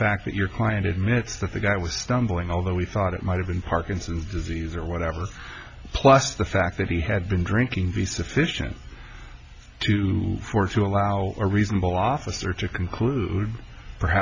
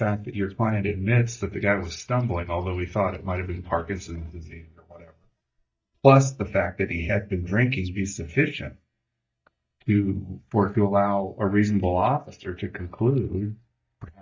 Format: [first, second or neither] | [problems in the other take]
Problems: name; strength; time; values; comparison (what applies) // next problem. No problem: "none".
first | noise reduction (neural mask model DeepFilterNet 3)